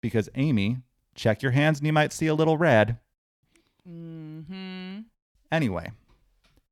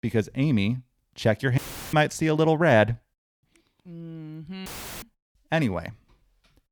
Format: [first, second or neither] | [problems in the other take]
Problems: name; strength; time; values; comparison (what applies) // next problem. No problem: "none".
first | audio cutting out; filled with static; at 1.5 s and at 4.5 s